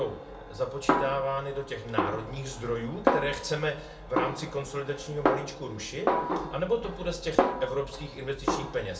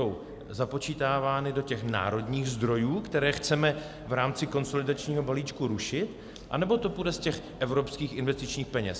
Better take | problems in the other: second | background sound (Snare drum); 1 dB above the speech // room echo; dies away in 0.2 s

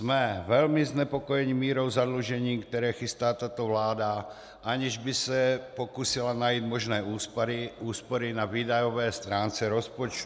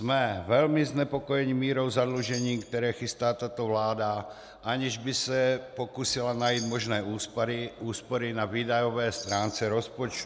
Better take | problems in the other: first | background sound (Chime); 17 dB below the speech

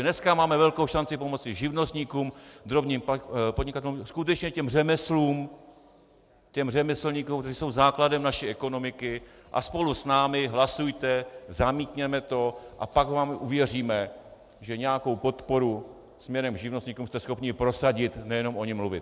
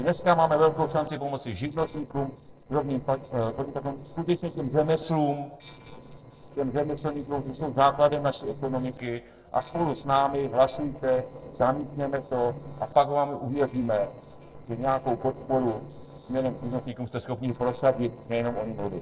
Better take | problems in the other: first | noise reduction (neural separator model SepFormer DNS4)

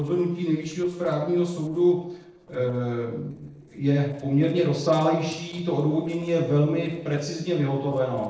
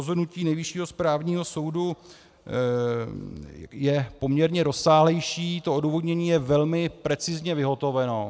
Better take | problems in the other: second | noise reduction (neural separator model SepFormer DNS4)

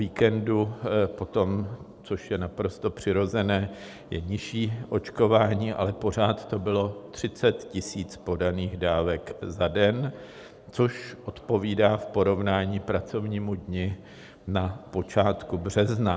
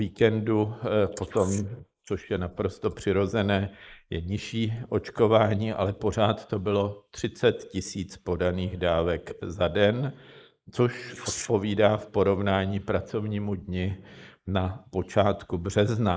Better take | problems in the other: first | noise reduction (neural mask model Resemble Enhance denoiser)

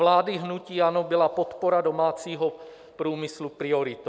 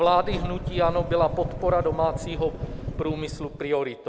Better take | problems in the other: first | background sound (Engine starting / Car); 6 dB below the speech

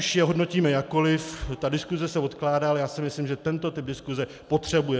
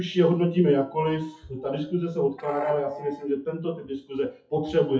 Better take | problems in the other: first | noise reduction (classical method WPE with log-MMSE)

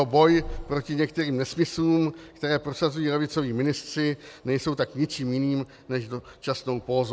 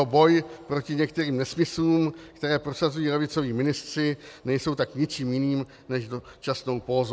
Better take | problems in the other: second | background sound (Purr); 13 dB below the speech

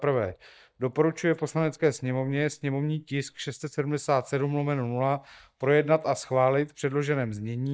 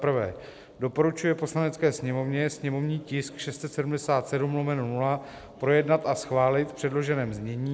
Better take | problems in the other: second | noise reduction (neural mask model DeepFilterNet 3)

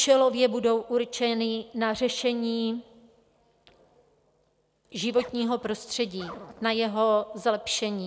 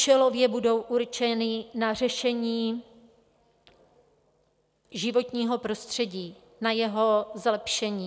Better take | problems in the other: second | background sound (Zipper (clothing)); 19 dB below the speech

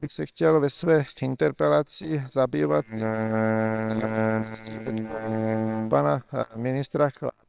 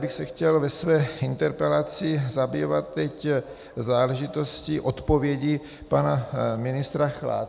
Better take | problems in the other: second | noise reduction (neural separator model SepFormer WHAMR!)

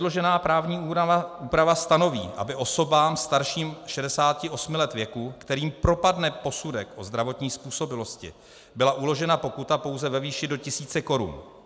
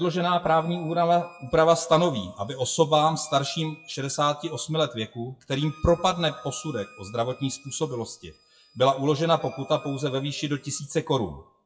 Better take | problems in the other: first | noise reduction (classical method WPE with log-MMSE)

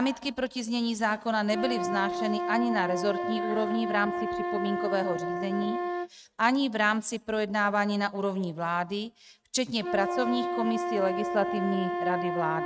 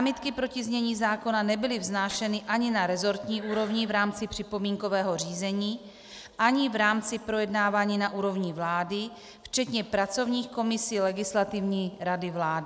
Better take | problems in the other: second | noise reduction (neural mask model RNNoise)

